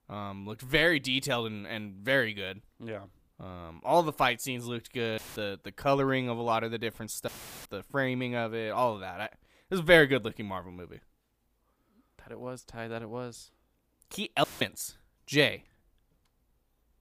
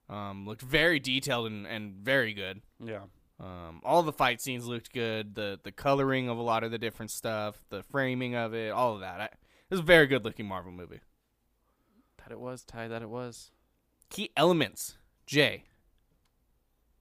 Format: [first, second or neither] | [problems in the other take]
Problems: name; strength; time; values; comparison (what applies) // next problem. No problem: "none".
second | audio cutting out; filled with static; at 5 s, at 7.5 s and at 14 s